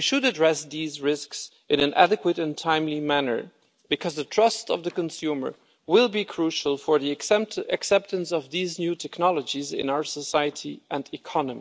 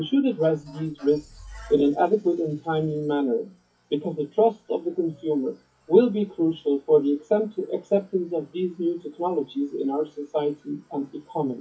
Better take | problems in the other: first | noise reduction (classical method WPE with log-MMSE)

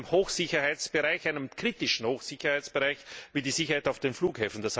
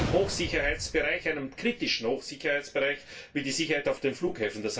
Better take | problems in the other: first | background sound (Gunshot, gunfire); 10 dB below the speech // room echo; dies away in 0.2 s

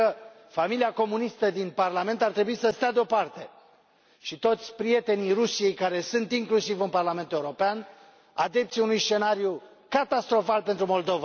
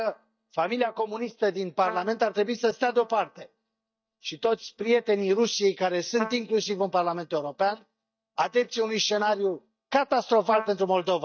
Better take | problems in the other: first | noise reduction (neural mask model DeepFilterNet 3)

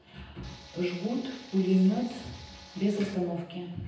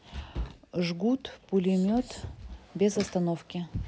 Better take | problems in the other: second | background sound (Tools); 19 dB below the speech // room echo; dies away in 0.9 s

